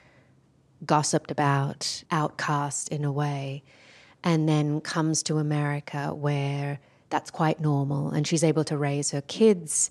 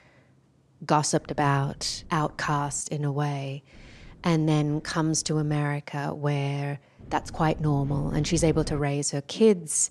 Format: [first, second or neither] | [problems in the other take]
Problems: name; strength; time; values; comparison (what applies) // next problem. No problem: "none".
first | wind noise on the microphone; occasional gusts; from 1 to 3 s, from 3.5 to 5.5 s and from 7 to 9 s; 25 dB below the speech